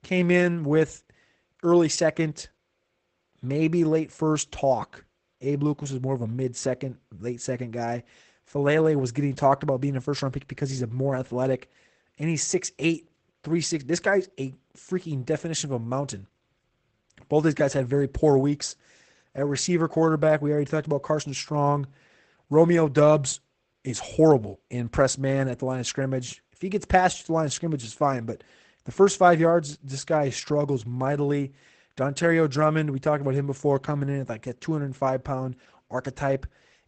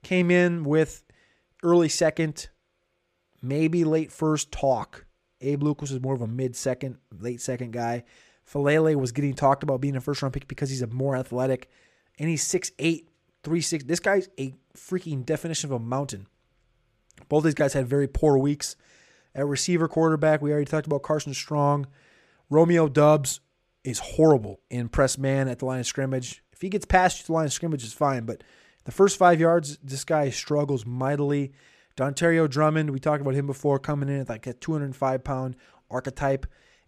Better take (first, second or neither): second